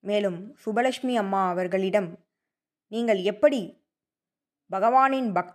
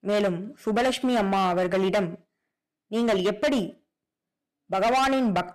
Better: first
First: none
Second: distortion; heavy; 15% of the sound clipped

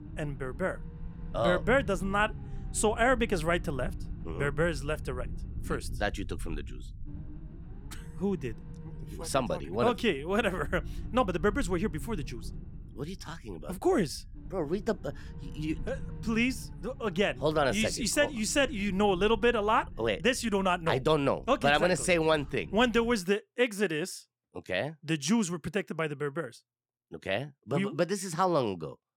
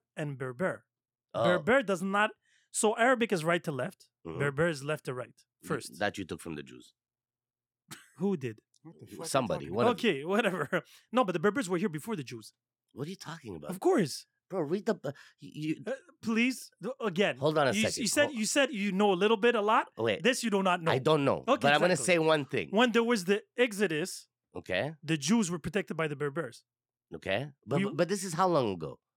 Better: second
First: low rumble; faint; until 23 s; 25 dB below the speech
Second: none

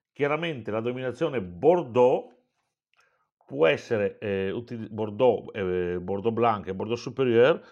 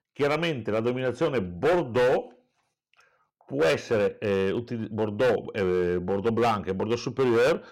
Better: first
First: none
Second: distortion; heavy; 10% of the sound clipped

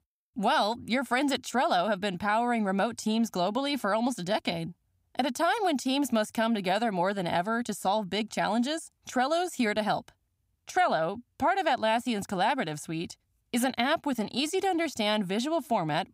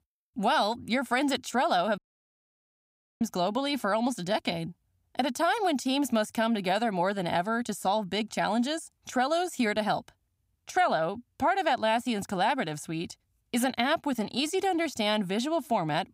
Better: first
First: none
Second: audio cutting out; at 2 s for 1 s

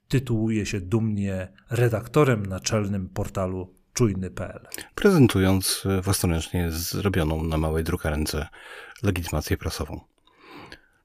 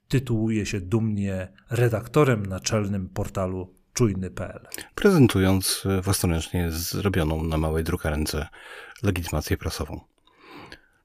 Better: neither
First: none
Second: none

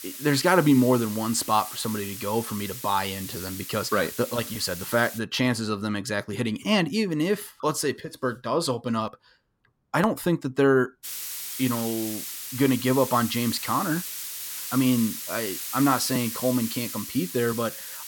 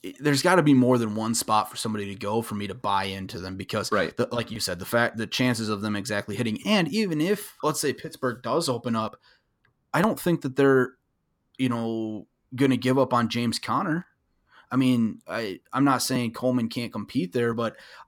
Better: second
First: hiss; loud; until 5 s and from 11 s on; 8 dB below the speech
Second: none

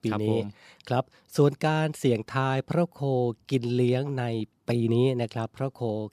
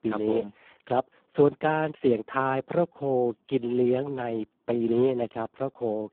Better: first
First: none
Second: phone-call audio; poor line

